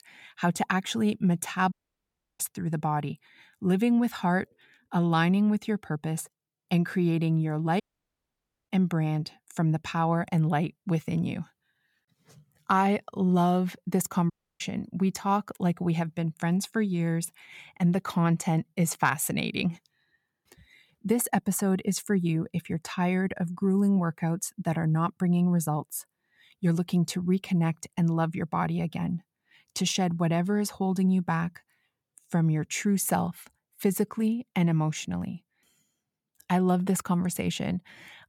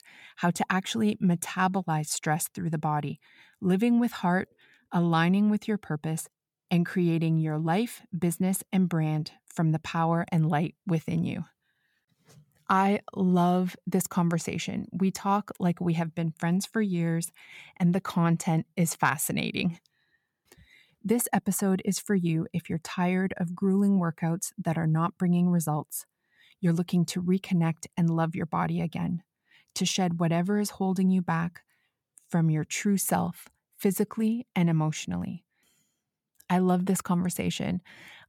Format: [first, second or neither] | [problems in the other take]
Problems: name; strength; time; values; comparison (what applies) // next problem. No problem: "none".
second | audio cutting out; at 1.5 s for 0.5 s, at 8 s for 1 s and at 14 s